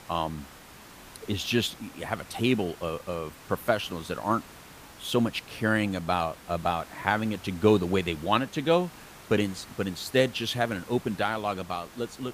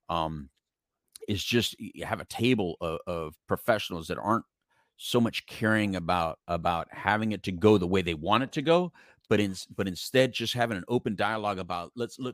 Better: second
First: hiss; noticeable; throughout; 20 dB below the speech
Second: none

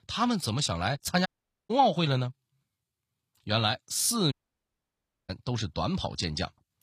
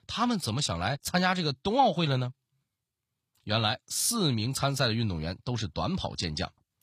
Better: second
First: audio cutting out; at 1.5 s and at 4.5 s for 1 s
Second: none

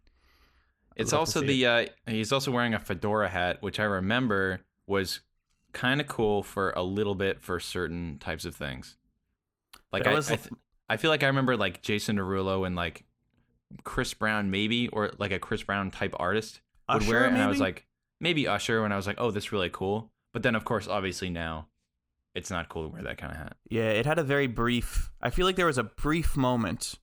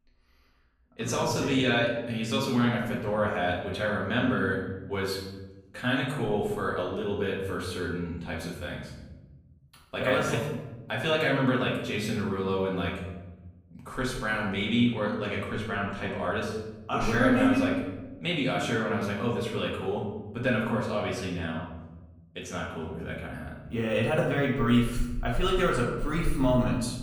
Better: first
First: none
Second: off-mic speech; far // room echo; noticeable; dies away in 1.2 s

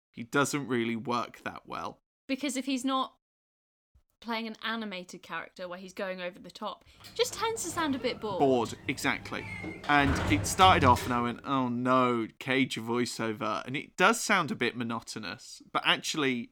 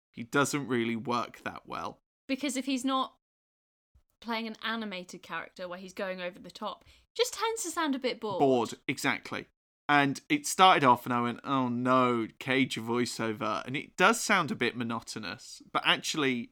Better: second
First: door banging; noticeable; from 7 to 11 s; peak 2 dB below the speech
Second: none

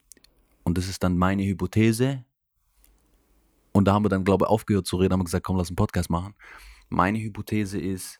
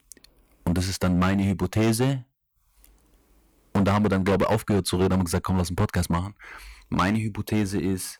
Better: first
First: none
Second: distortion; heavy; 10% of the sound clipped

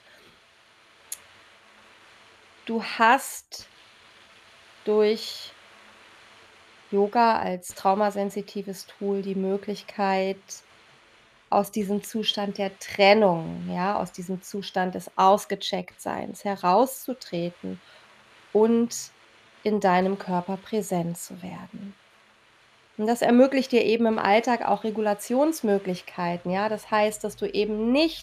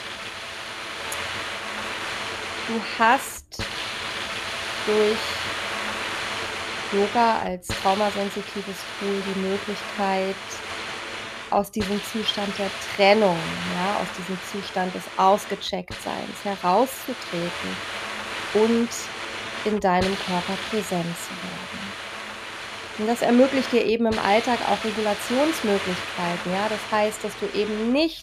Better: first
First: hiss; faint; throughout; 30 dB below the speech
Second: hiss; loud; throughout; 6 dB below the speech

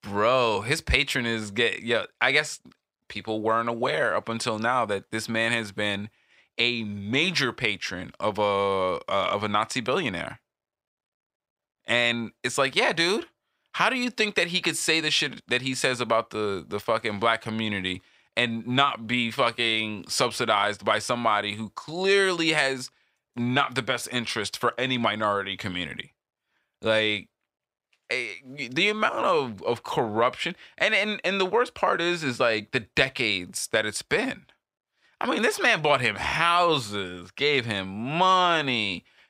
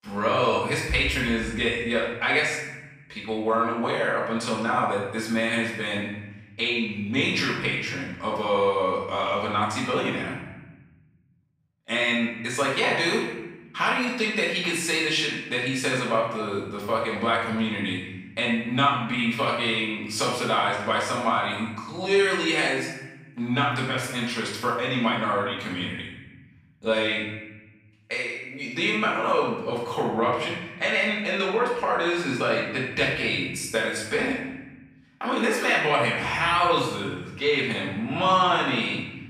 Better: first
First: none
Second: room echo; noticeable; dies away in 1.1 s // off-mic speech; far

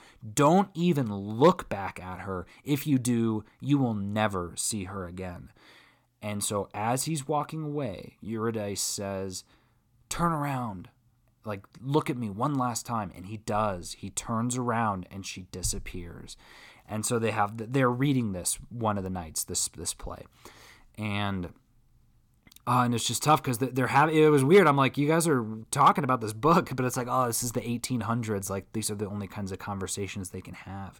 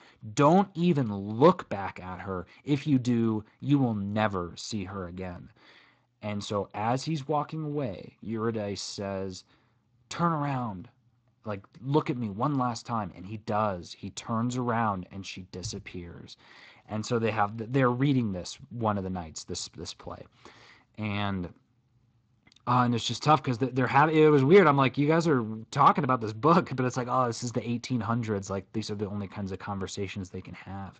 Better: first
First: none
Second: garbled, watery; slightly; nothing above 7.5 kHz

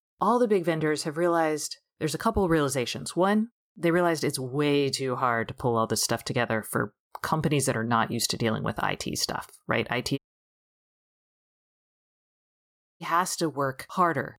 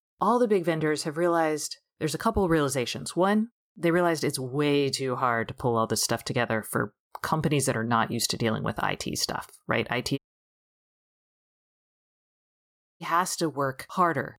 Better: neither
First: audio cutting out; at 10 s for 3 s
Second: audio cutting out; at 10 s for 3 s

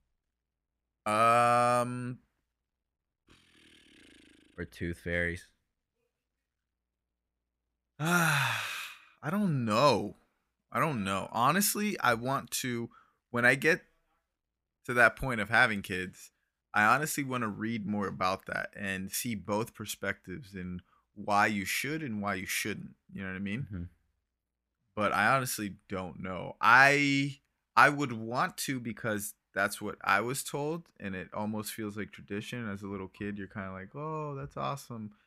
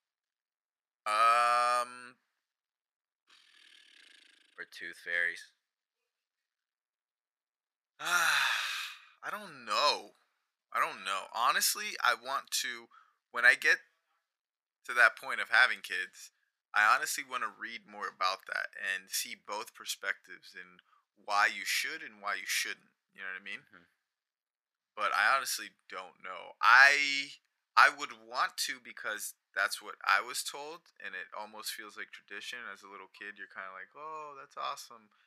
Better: first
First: none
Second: thin; very; fading below 700 Hz

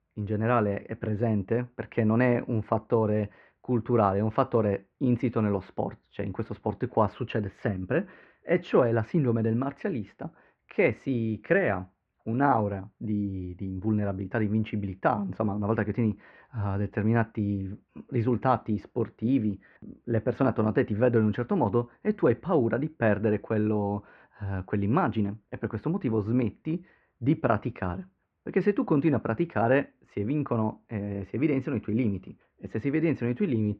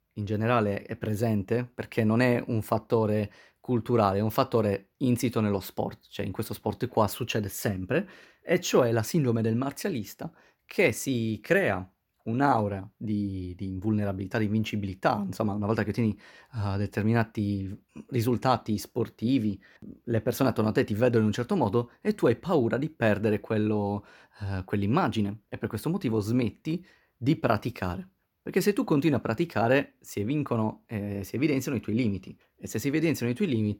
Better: second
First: muffled; very; fading above 2 kHz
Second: none

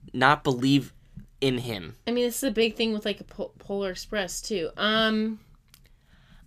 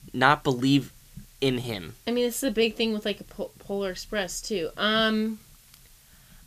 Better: first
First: none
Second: hiss; faint; throughout; 30 dB below the speech

